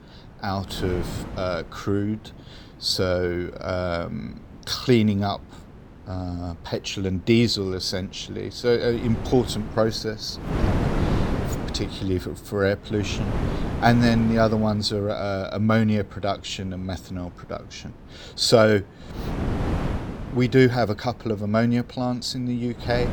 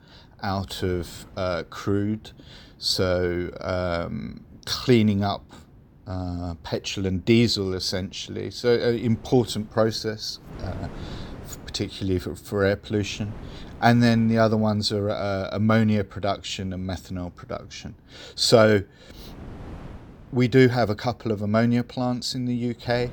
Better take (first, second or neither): second